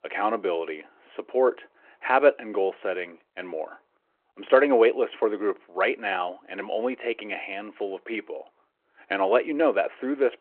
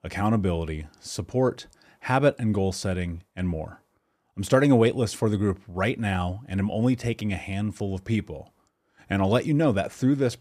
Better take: second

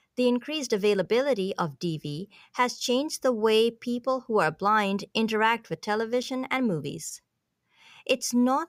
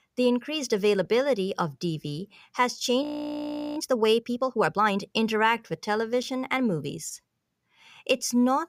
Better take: first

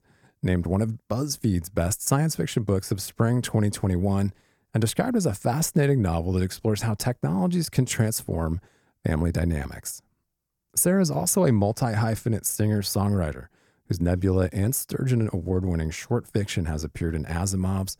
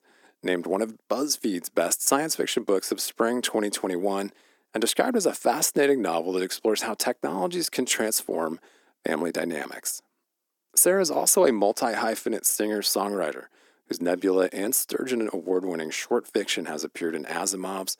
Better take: first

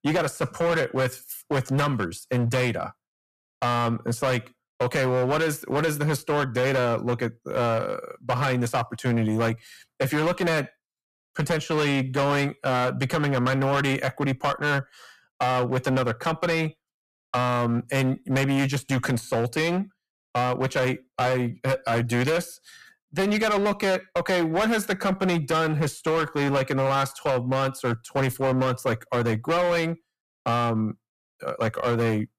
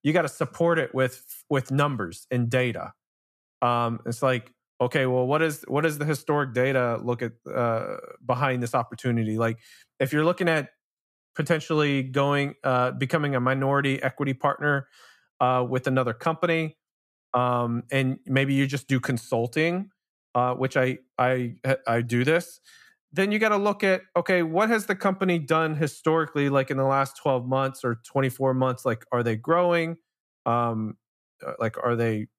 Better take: second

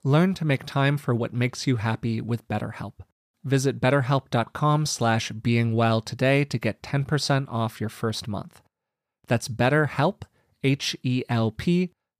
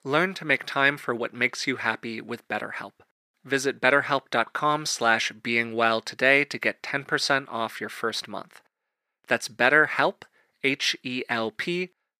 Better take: first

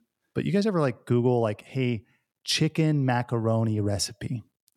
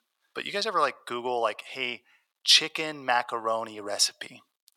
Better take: first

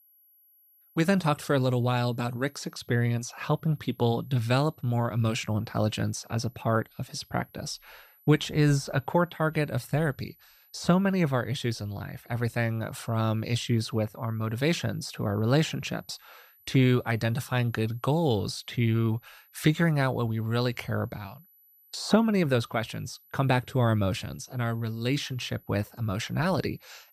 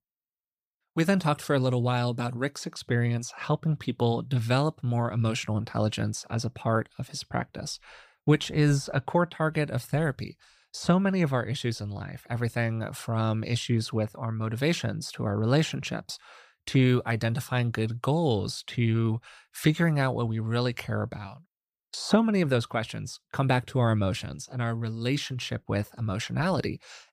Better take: second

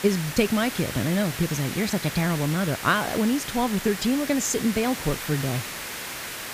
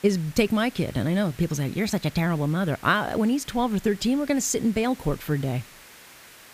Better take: second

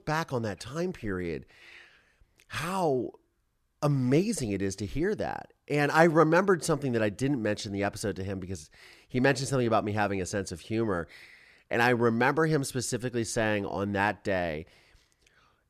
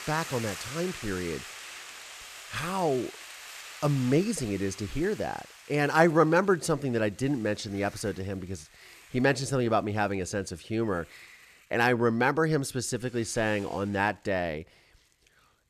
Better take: first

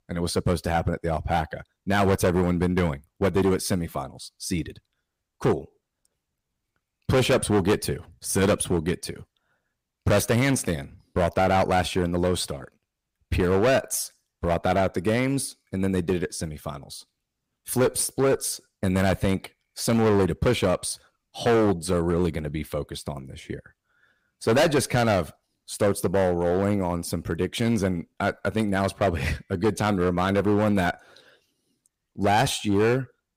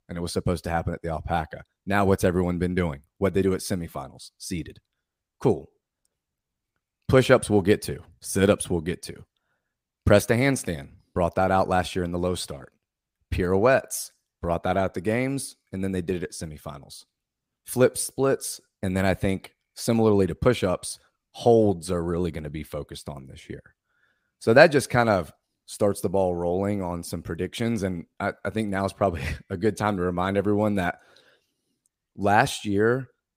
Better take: second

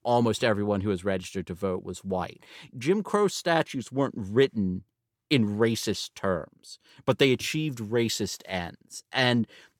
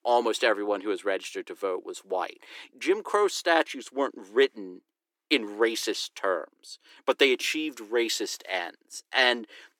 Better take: first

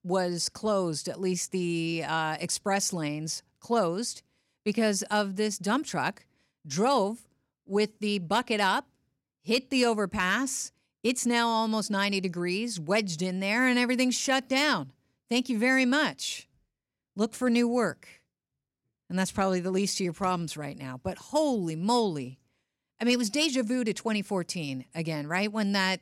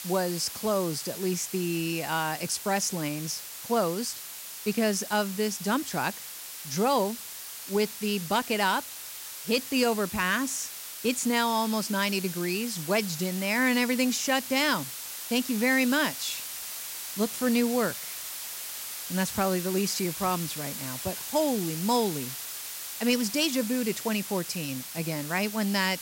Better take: first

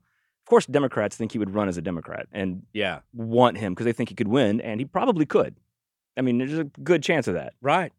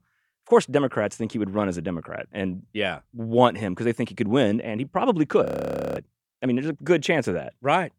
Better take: first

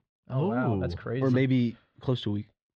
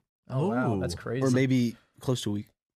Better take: second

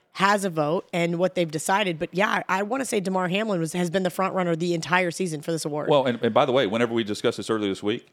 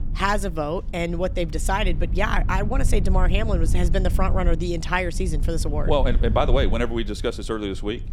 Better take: first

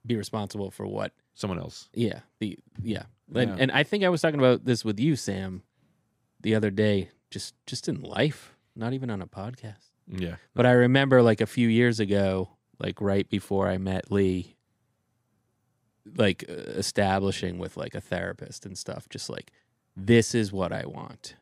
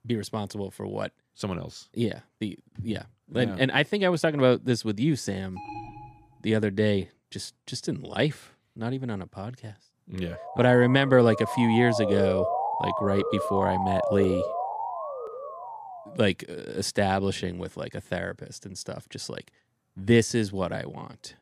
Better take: first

